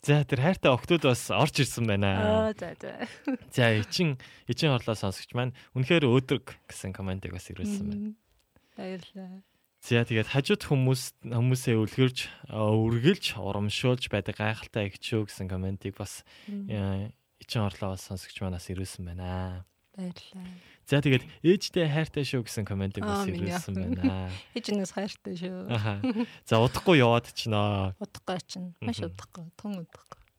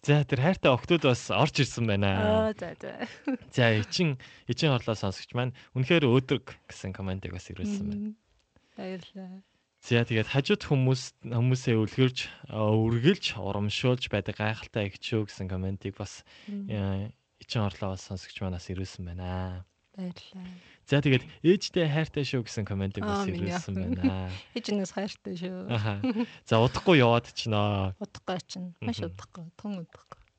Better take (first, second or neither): first